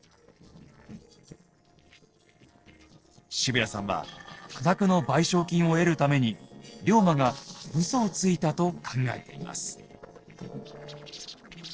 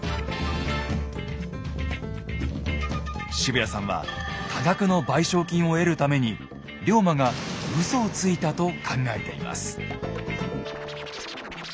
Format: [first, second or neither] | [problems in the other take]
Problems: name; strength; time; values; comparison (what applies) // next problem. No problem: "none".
second | noise reduction (neural separator model SepFormer DNS4)